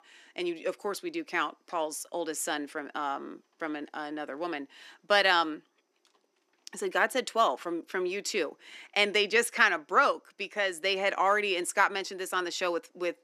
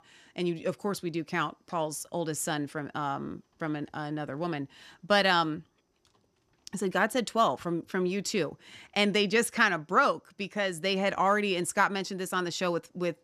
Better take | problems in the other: second | thin; somewhat; fading below 300 Hz

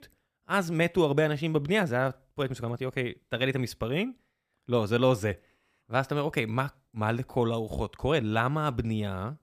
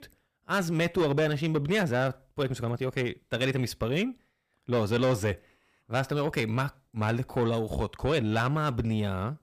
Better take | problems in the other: first | distortion; slight; 10 dB below the speech

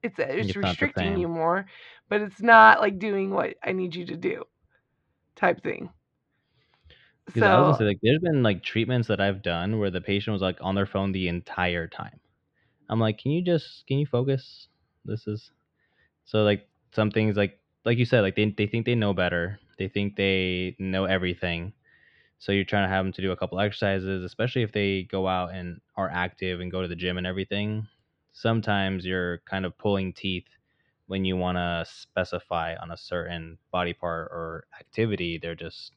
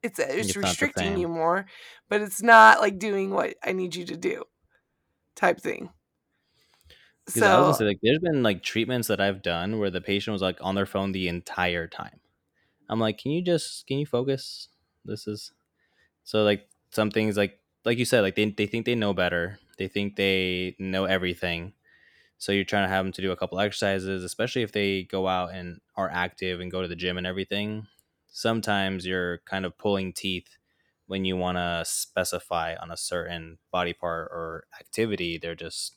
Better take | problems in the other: second | muffled; slightly; fading above 4 kHz

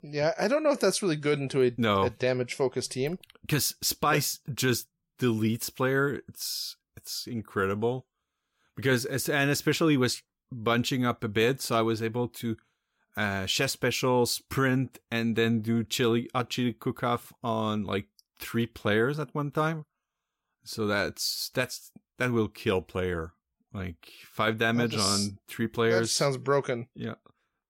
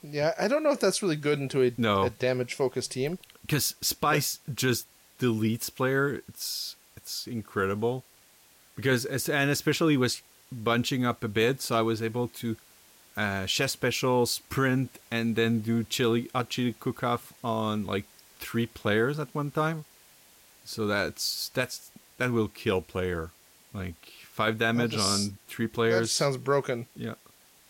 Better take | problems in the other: first | hiss; faint; throughout; 25 dB below the speech

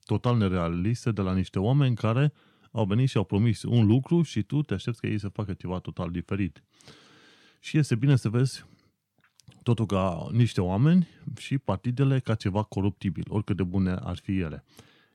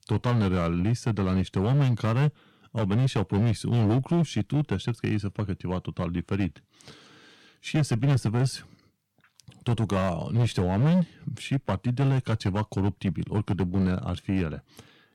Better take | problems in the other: first | distortion; slight; 9% of the sound clipped

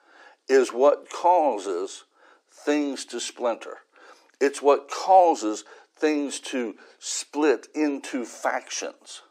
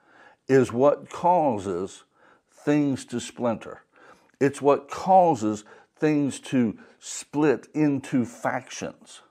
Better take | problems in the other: second | thin; very slightly; fading below 300 Hz

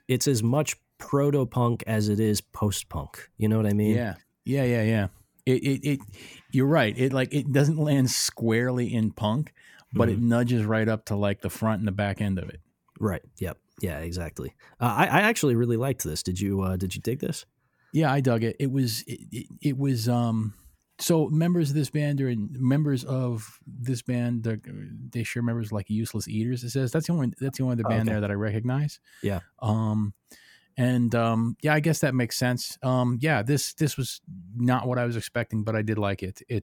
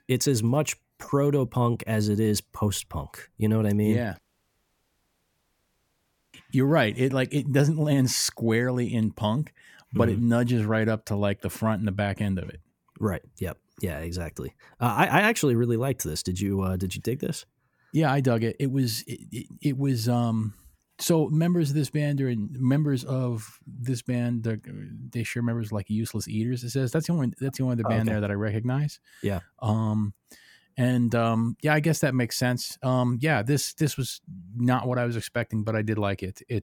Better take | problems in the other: first | audio cutting out; at 4 s for 2 s

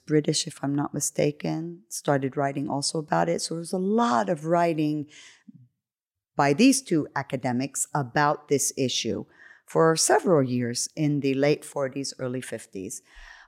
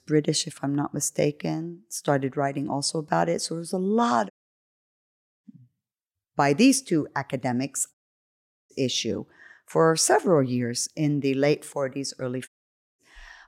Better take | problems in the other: first | audio cutting out; at 4.5 s for 1 s, at 8 s for 0.5 s and at 12 s for 0.5 s

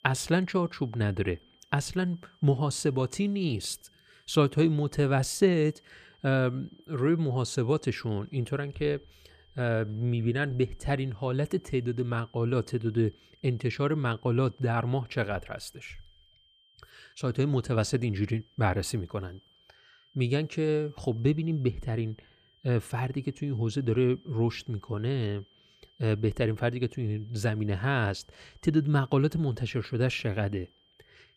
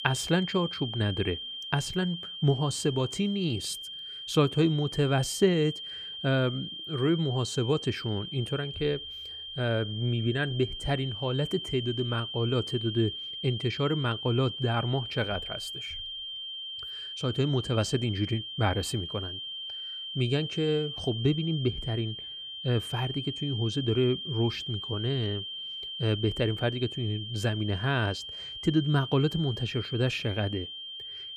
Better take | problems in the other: first | high-pitched whine; loud; throughout; 3 kHz, 7 dB below the speech; faint in the first

